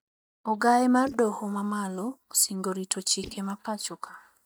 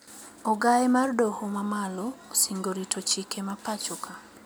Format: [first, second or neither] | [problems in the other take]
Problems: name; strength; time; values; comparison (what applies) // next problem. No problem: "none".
second | noise reduction (neural mask model DeepFilterNet 3)